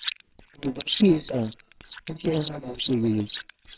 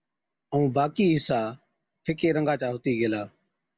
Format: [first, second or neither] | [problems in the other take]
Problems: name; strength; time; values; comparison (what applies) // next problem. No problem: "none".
second | noise reduction (neural separator model SepFormer WHAMR!)